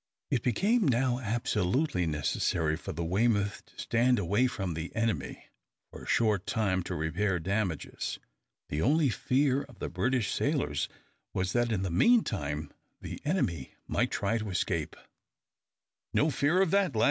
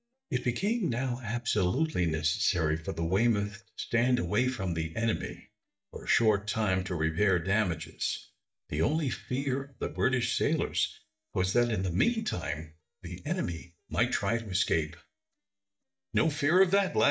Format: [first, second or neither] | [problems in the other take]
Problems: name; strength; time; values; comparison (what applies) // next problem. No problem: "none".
first | noise reduction (neural mask model DeepFilterNet 3)